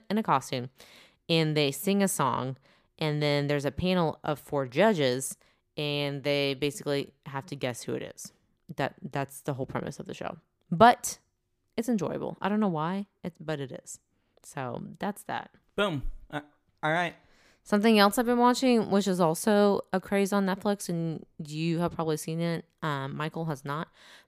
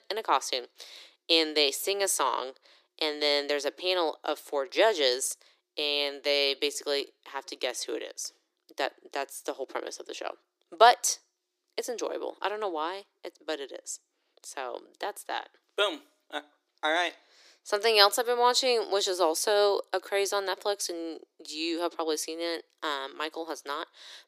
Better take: first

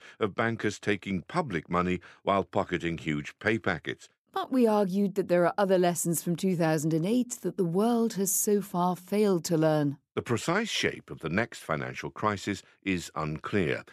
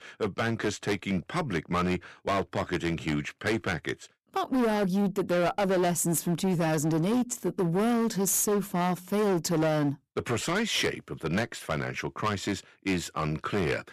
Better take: first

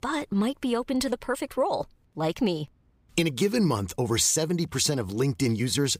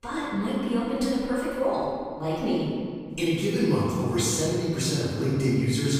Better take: first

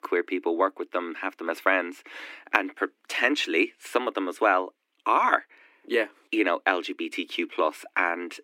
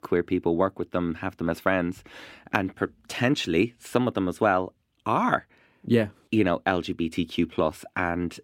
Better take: second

